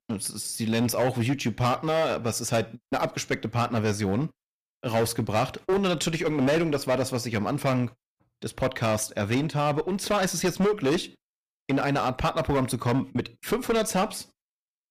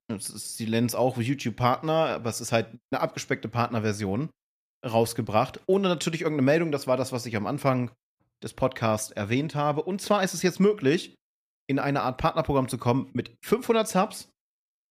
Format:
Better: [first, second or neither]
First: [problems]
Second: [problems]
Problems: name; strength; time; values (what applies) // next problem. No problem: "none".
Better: second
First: distortion; heavy; 12% of the sound clipped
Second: none